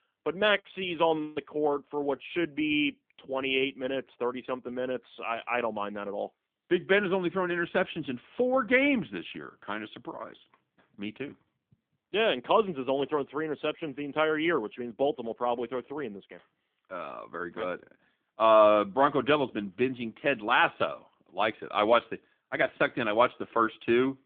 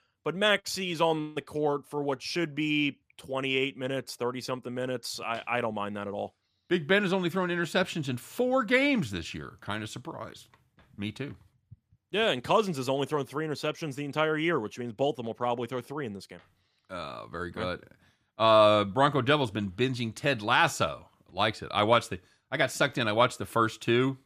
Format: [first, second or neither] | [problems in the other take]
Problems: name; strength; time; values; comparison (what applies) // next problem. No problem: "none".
second | phone-call audio; nothing above 3.5 kHz